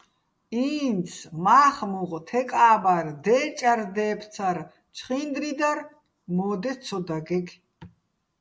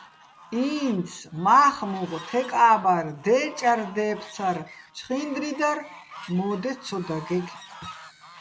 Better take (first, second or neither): first